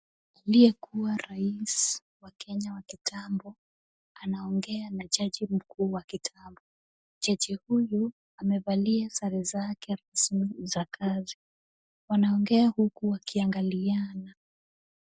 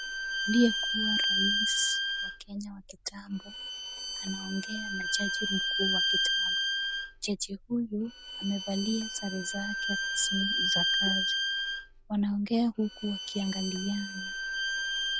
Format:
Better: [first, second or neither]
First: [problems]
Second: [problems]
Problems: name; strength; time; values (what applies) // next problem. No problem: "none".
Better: first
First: none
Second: background sound (Bowed string instrument); 2 dB above the speech